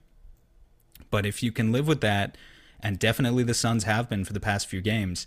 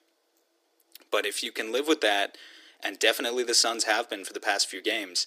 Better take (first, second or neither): first